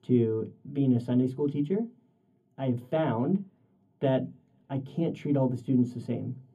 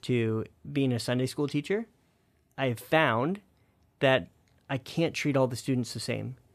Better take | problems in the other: second | room echo; very slight; dies away in 0.3 s // off-mic speech; far

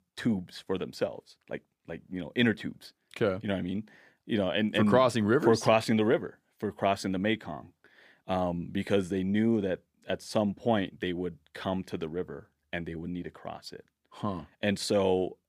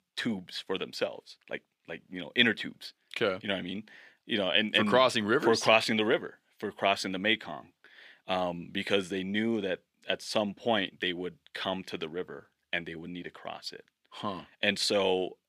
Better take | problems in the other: first | thin; very slightly; fading below 300 Hz

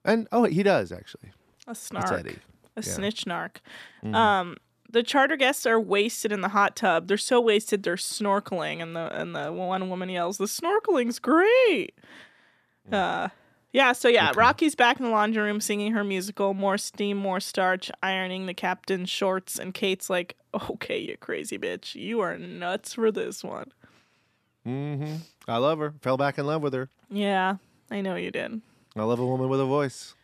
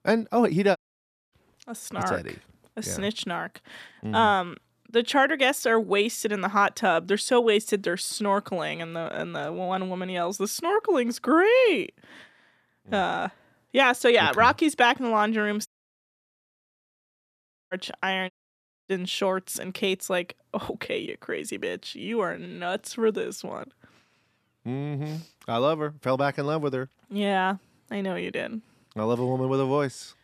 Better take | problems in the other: first | audio cutting out; at 1 s for 0.5 s, at 16 s for 2 s and at 18 s for 0.5 s

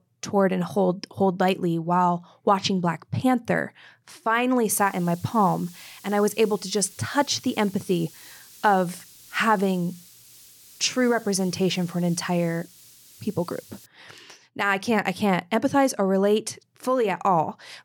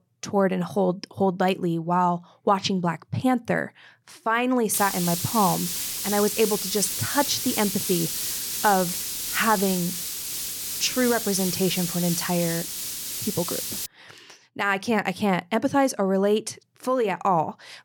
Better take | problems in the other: first | hiss; loud; from 4.5 to 14 s; 3 dB below the speech; faint in the first

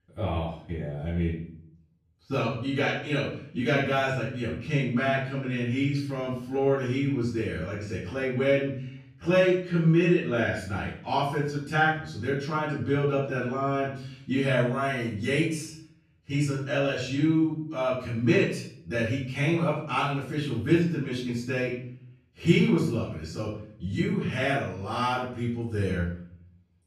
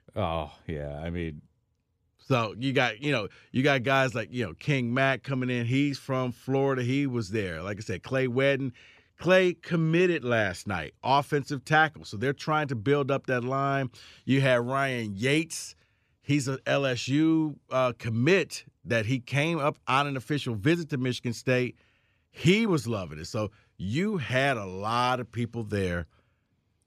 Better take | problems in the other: second | off-mic speech; far // room echo; noticeable; dies away in 0.5 s

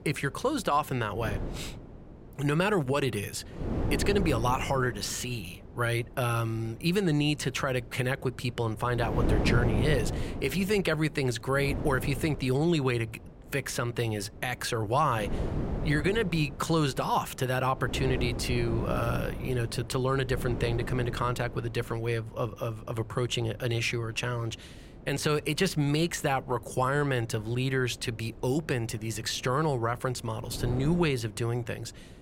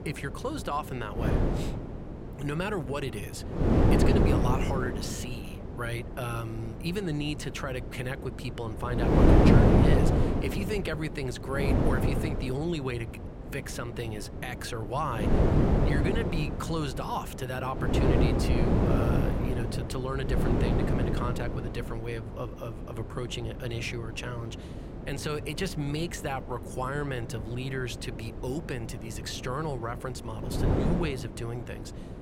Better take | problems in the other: first | wind noise on the microphone; heavy; 4 dB above the speech; occasional gusts in the first

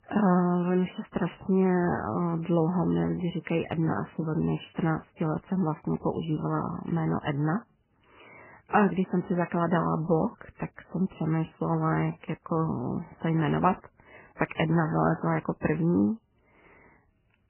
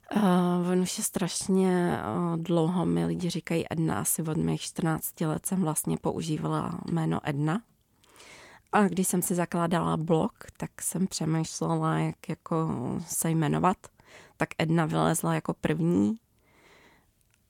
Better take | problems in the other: second | garbled, watery; badly; nothing above 3 kHz

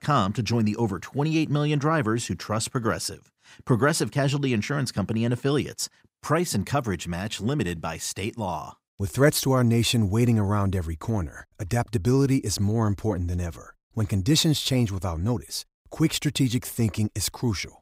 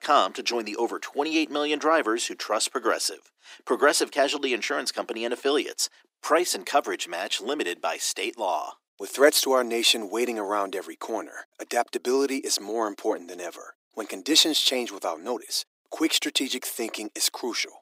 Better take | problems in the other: first | thin; very; fading below 300 Hz

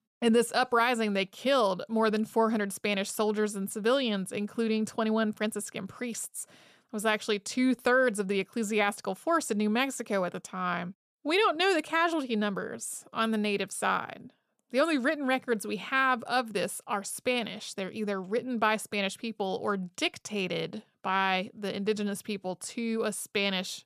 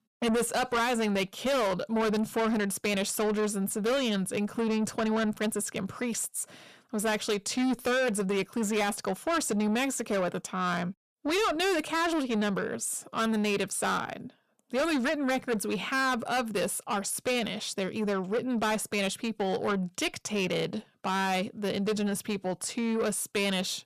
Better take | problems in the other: first | distortion; heavy; 7 dB below the speech

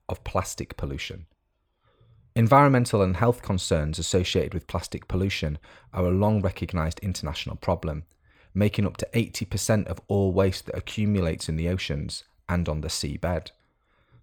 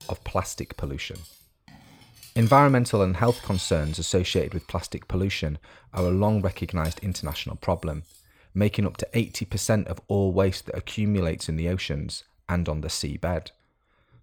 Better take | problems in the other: first | clattering dishes; faint; until 9.5 s; peak 10 dB below the speech

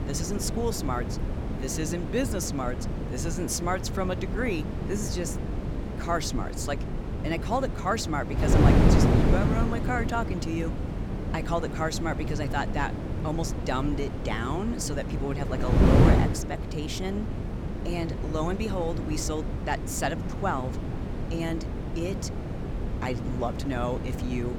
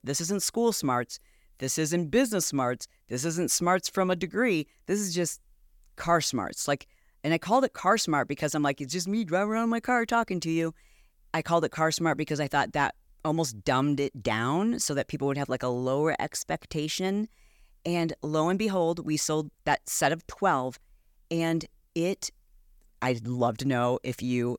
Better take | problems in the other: second | wind noise on the microphone; heavy; 3 dB below the speech

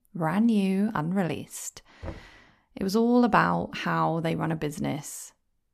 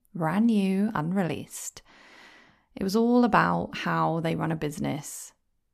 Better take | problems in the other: second | door banging; faint; at 2 s; peak 15 dB below the speech

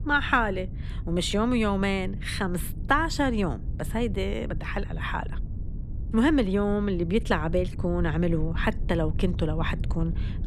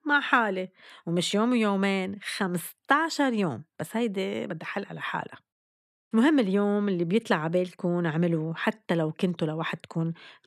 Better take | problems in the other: second | low rumble; noticeable; throughout; 20 dB below the speech

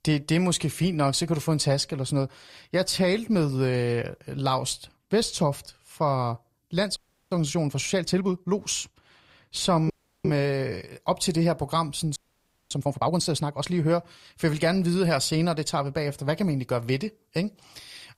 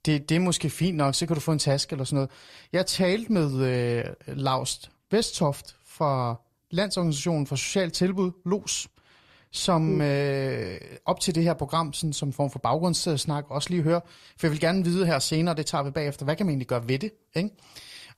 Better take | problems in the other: second | audio freezing; at 7 s, at 10 s and at 12 s for 0.5 s

